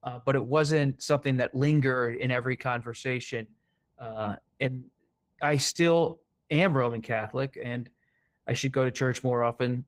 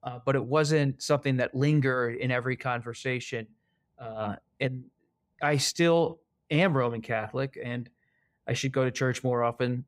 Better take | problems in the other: second | garbled, watery; slightly; nothing above 15.5 kHz

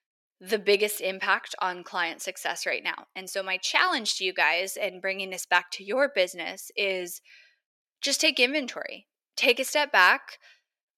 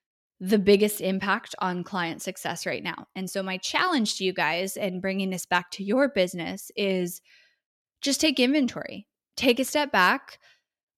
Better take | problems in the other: second | thin; somewhat; fading below 500 Hz

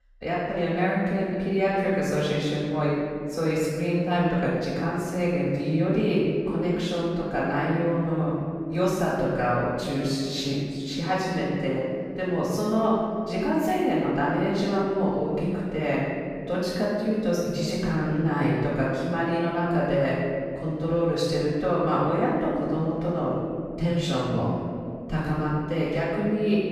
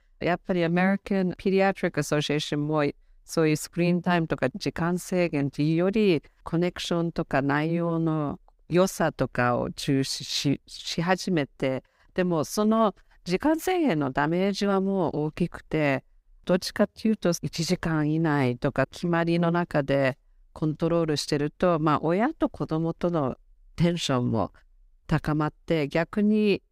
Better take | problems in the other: second | off-mic speech; far // room echo; strong; dies away in 2.4 s

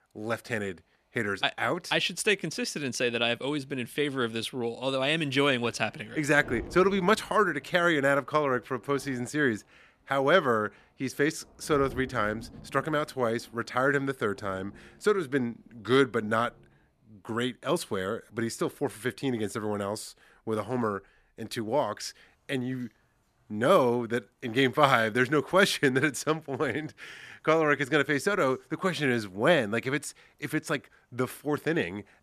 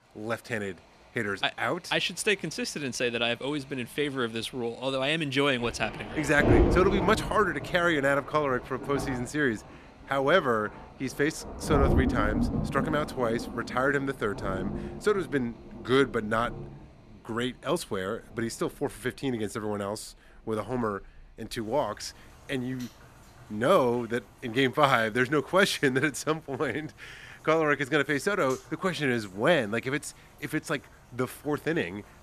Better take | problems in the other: first | rain or running water; loud; throughout; 4 dB below the speech; faint in the first

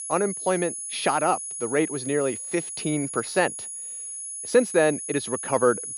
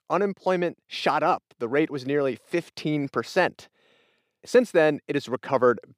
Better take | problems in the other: second | high-pitched whine; loud; throughout; 10 kHz, 6 dB below the speech

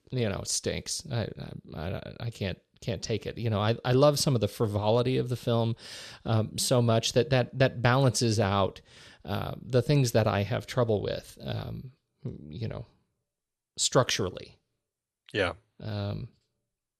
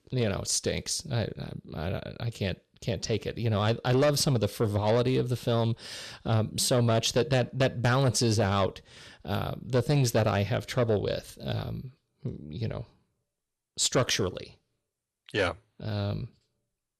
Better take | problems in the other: first | distortion; slight; 10 dB below the speech

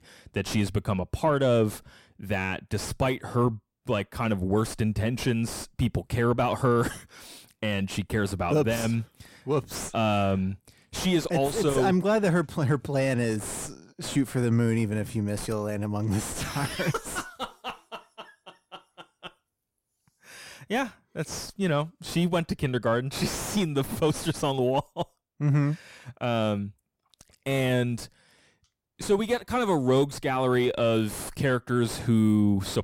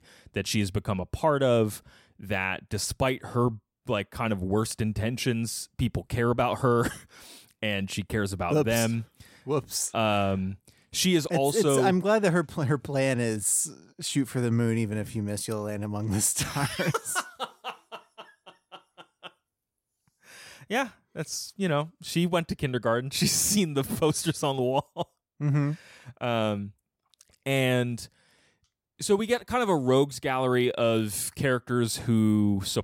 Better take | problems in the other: second | distortion; slight; 6 dB below the speech

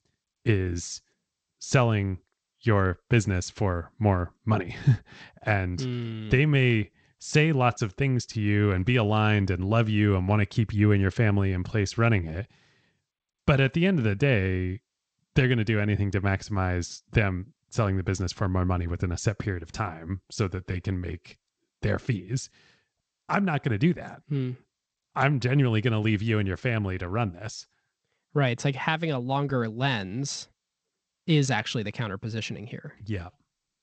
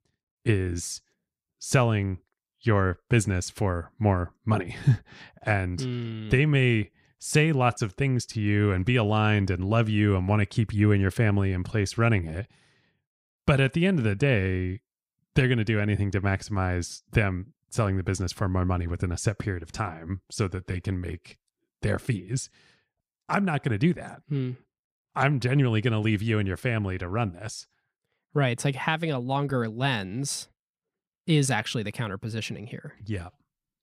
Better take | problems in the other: second | garbled, watery; slightly; nothing above 8 kHz

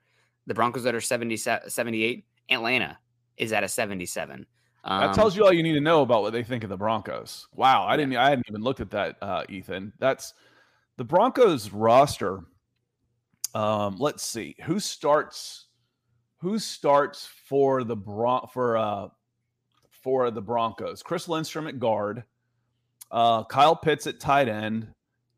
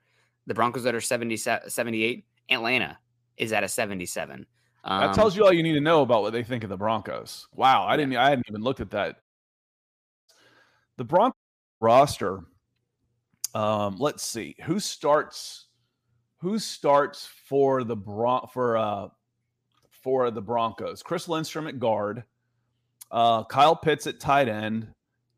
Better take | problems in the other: first | audio cutting out; at 9 s for 1 s and at 11 s

